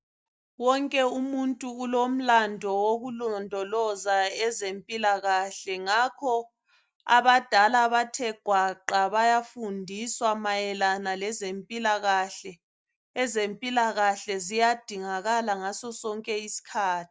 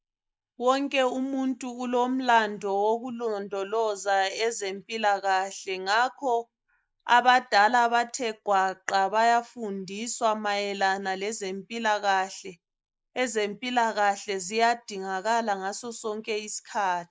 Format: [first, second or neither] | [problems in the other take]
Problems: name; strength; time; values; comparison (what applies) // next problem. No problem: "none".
first | noise reduction (neural mask model Resemble Enhance denoiser)